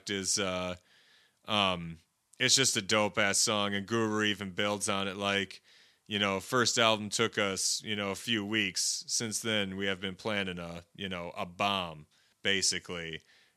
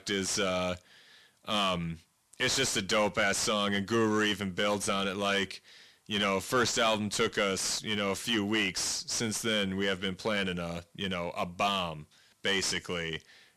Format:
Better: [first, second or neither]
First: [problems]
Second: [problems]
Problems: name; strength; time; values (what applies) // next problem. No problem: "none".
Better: first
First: none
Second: distortion; heavy; 6 dB below the speech